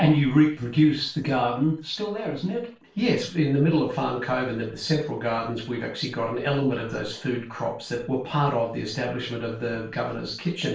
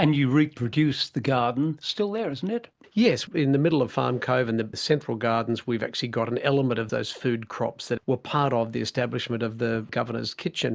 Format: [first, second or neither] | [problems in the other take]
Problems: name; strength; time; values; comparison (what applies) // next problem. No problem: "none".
second | room echo; dies away in 0.3 s